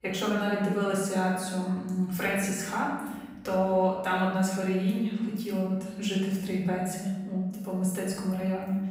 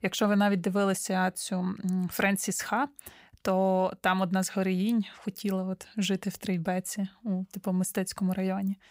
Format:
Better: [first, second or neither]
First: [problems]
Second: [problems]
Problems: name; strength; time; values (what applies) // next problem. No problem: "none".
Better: second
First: off-mic speech; far // room echo; noticeable; dies away in 1.3 s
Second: none